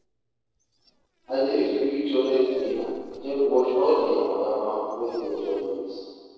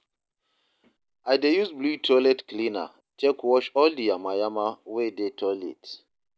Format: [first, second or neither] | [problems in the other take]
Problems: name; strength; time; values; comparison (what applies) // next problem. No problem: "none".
second | noise reduction (neural separator model SepFormer DNS4)